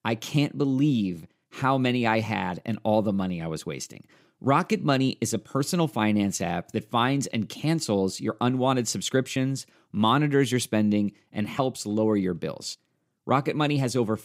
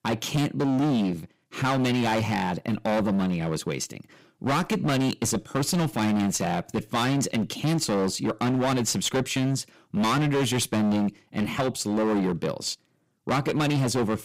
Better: first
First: none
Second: distortion; heavy; 23% of the sound clipped

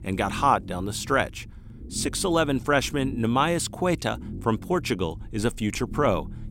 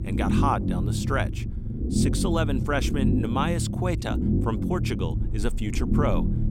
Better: first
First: low rumble; faint; throughout; 20 dB below the speech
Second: low rumble; loud; throughout; 5 dB below the speech

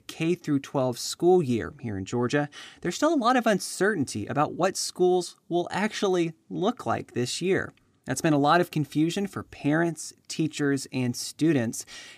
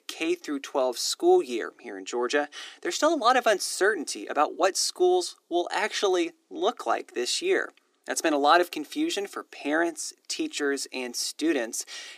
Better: first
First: none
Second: thin; somewhat; fading below 350 Hz

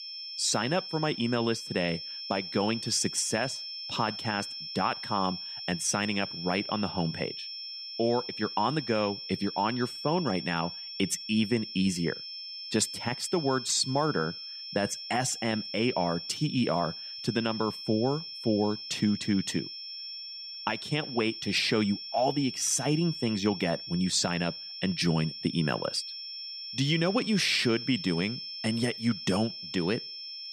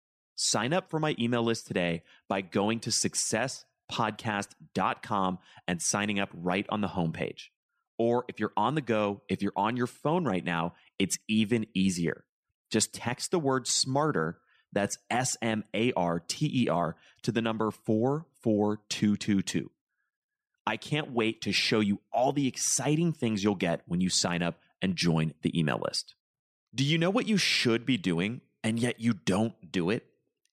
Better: second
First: high-pitched whine; loud; throughout; 5.5 kHz, 8 dB below the speech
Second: none

